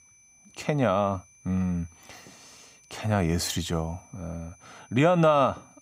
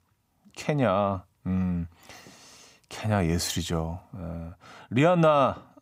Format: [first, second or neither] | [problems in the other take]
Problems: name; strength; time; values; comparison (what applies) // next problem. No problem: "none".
second | high-pitched whine; faint; throughout; 6 kHz, 30 dB below the speech